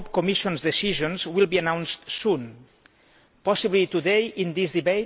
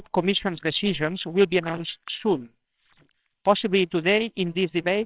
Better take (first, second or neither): first